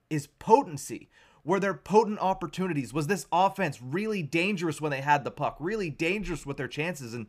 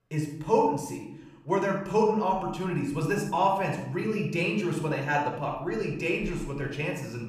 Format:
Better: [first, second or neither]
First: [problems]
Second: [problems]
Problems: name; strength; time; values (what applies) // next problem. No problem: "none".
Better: first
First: none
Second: off-mic speech; somewhat distant // room echo; noticeable; dies away in 0.7 s